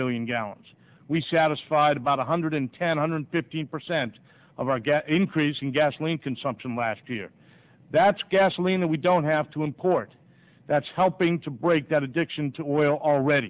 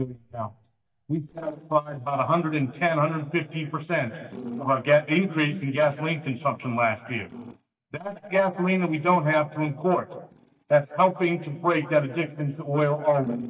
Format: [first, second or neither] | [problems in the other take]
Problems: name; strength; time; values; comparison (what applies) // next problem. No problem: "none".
first | noise reduction (neural mask model DeepFilterNet 3)